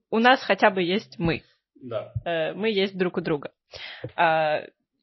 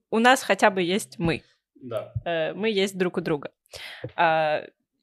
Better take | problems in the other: second | garbled, watery; slightly; nothing above 5.5 kHz

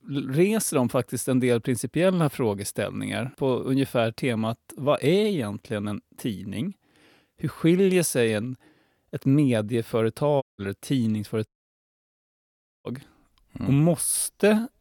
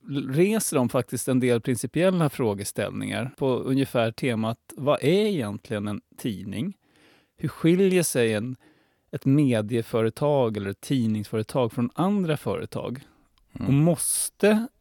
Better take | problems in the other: second | audio cutting out; at 10 s and at 11 s for 1.5 s

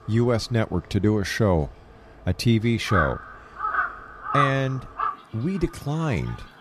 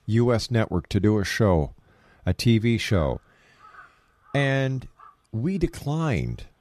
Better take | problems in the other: second | animal sounds; loud; throughout; 3 dB below the speech; faint in the second

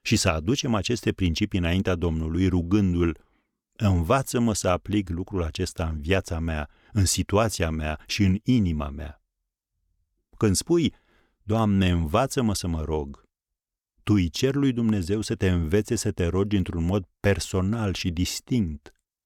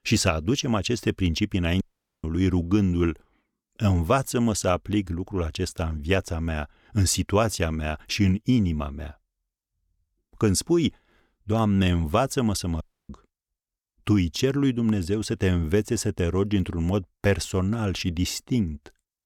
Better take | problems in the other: first | audio cutting out; at 2 s and at 13 s

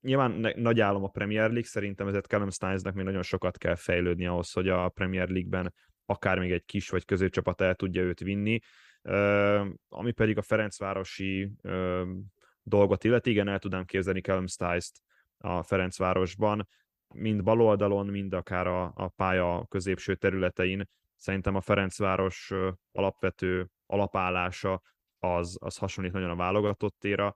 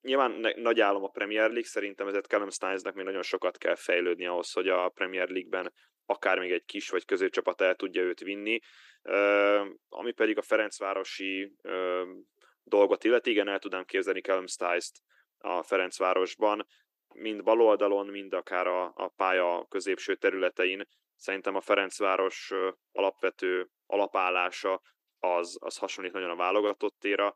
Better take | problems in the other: first | thin; somewhat; fading below 300 Hz

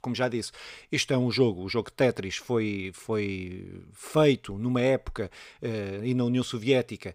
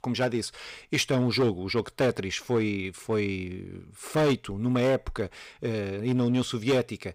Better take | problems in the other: first | distortion; slight; 6% of the sound clipped

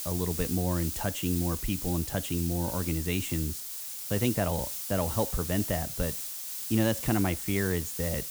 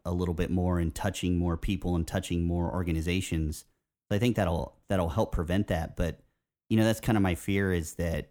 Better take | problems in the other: second | hiss; loud; throughout; 3 dB below the speech

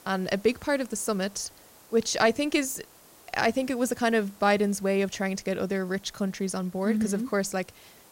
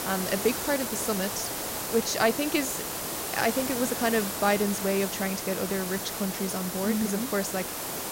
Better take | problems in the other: first | hiss; loud; throughout; 3 dB below the speech; faint in the first

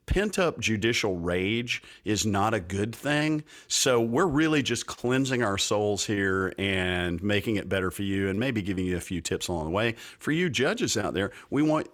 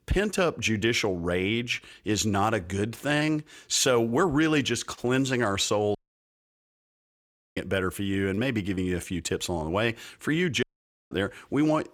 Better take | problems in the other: first | audio cutting out; at 6 s for 1.5 s and at 11 s

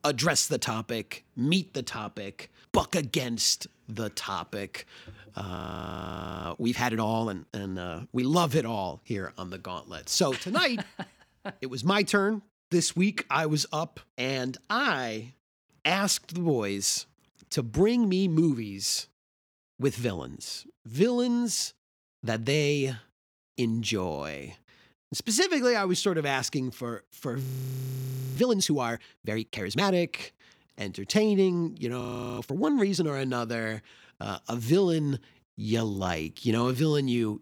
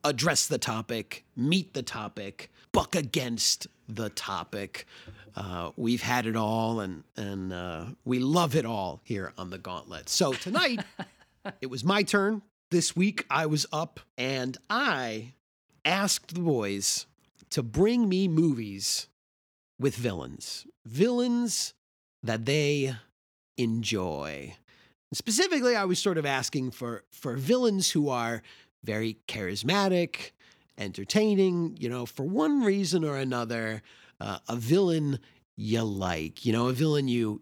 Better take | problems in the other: second | audio freezing; at 5.5 s for 1 s, at 27 s for 1 s and at 32 s

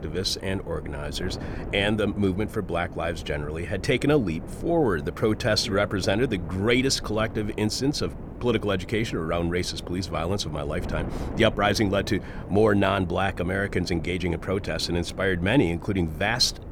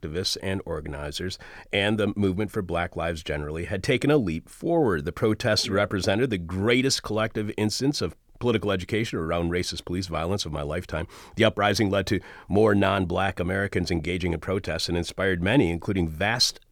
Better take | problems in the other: second | wind noise on the microphone; occasional gusts; 15 dB below the speech

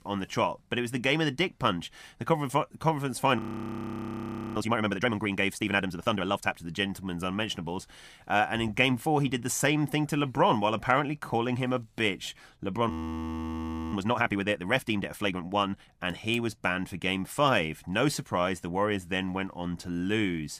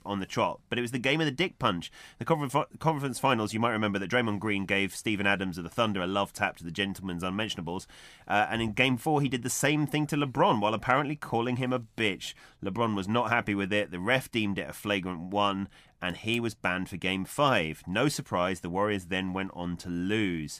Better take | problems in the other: second | audio freezing; at 3.5 s for 1 s and at 13 s for 1 s

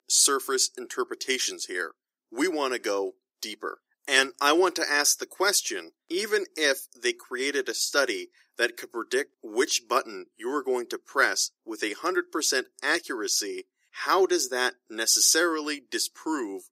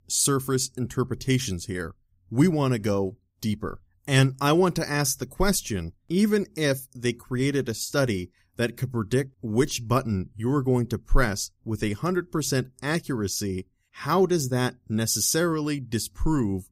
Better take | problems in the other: second | thin; very; fading below 350 Hz

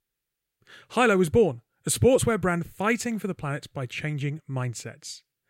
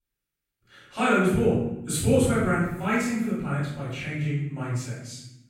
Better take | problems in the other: first | off-mic speech; far // room echo; strong; dies away in 0.8 s

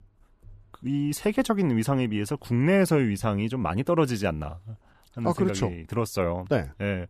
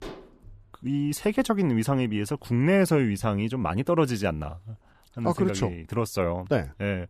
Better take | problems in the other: first | clattering dishes; faint; at the start; peak 15 dB below the speech

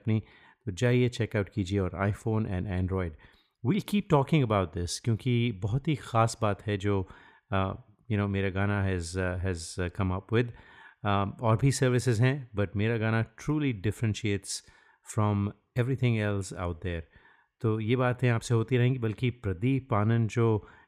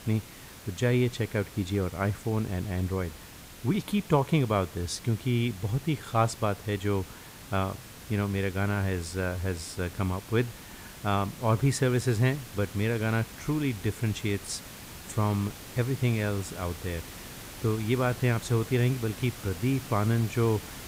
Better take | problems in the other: first | hiss; noticeable; throughout; 15 dB below the speech

